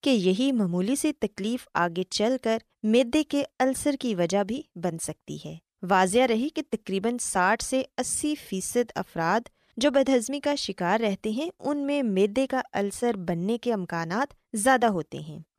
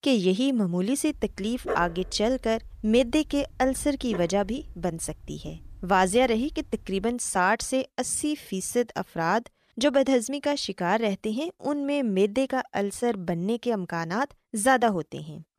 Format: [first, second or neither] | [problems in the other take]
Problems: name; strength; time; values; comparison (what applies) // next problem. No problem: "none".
first | dog barking; noticeable; from 1 to 7 s; peak 7 dB below the speech